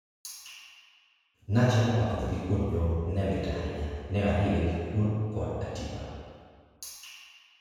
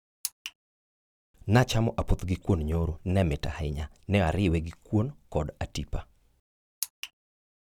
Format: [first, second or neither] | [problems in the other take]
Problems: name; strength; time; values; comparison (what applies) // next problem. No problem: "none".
second | room echo; dies away in 1.9 s